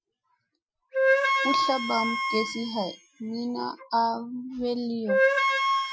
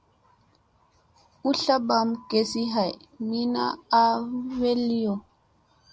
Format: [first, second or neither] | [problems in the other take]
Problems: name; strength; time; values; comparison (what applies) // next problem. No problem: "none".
second | noise reduction (classical method Wiener filter)